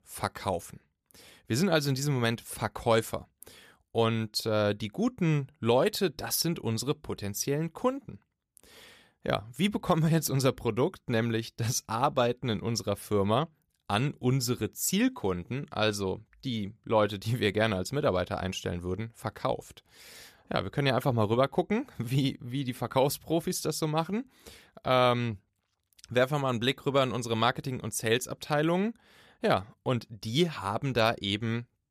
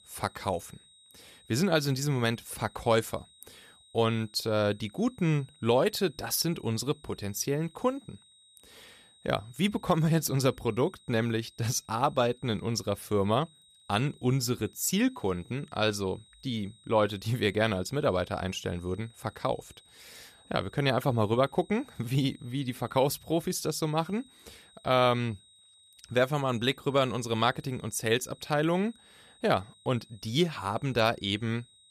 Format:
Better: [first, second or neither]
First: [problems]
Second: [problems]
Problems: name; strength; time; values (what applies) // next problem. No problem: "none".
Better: first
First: none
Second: high-pitched whine; faint; throughout; 4 kHz, 25 dB below the speech